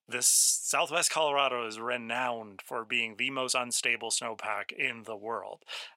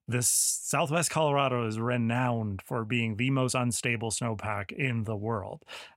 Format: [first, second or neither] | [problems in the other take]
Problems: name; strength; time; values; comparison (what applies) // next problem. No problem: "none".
second | thin; very; fading below 500 Hz